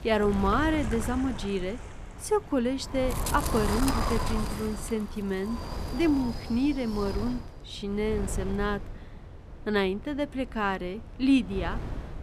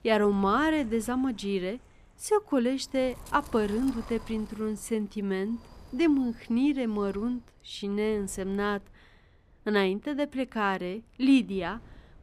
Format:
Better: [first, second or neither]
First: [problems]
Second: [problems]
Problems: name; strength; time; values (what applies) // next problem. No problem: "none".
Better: second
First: wind noise on the microphone; heavy; 7 dB below the speech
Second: wind noise on the microphone; occasional gusts; 25 dB below the speech